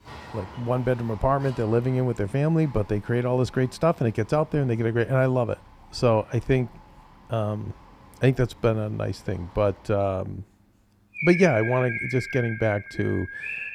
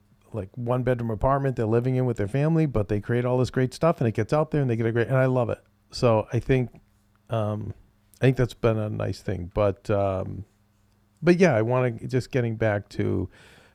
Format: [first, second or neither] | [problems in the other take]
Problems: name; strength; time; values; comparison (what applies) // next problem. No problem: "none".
second | animal sounds; loud; throughout; 10 dB below the speech